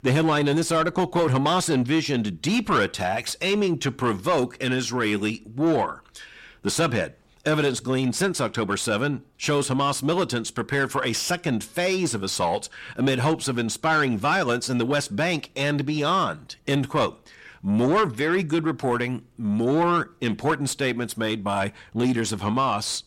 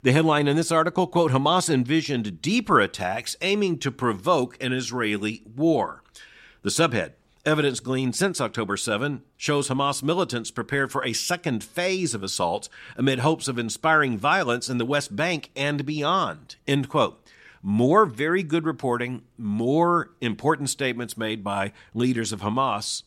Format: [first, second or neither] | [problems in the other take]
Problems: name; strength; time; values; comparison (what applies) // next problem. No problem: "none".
second | distortion; slight; 10 dB below the speech